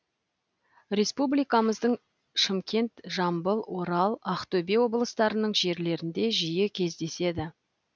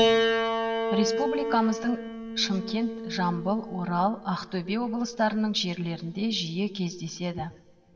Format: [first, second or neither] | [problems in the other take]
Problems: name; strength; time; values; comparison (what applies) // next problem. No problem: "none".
first | background sound (Piano); 2 dB below the speech // room echo; dies away in 2.4 s